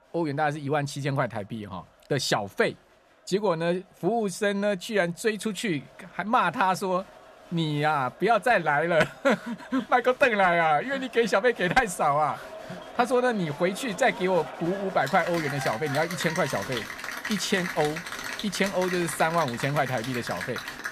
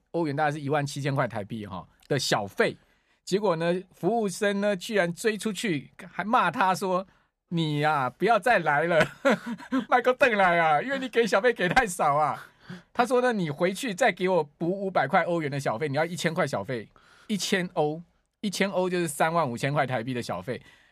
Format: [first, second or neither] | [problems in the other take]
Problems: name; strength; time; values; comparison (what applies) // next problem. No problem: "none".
second | crowd noise; loud; throughout; 10 dB below the speech